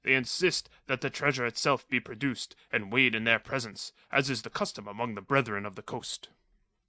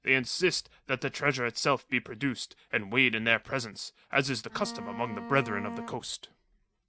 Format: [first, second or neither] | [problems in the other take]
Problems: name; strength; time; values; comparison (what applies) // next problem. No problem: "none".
first | background sound (Bowed string instrument); 9 dB below the speech